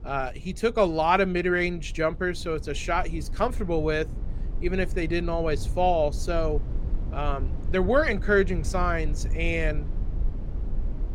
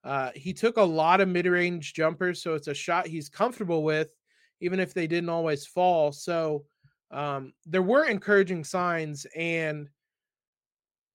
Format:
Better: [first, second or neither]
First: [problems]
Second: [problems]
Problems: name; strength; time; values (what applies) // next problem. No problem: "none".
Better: second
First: low rumble; faint; throughout; 20 dB below the speech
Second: none